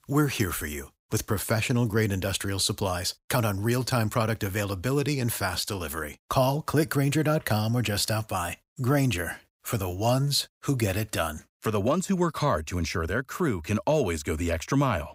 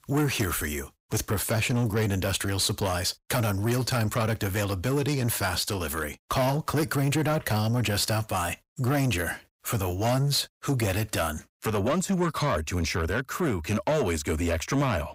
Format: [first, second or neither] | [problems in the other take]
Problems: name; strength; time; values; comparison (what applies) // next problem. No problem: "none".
first | distortion; slight; 10 dB below the speech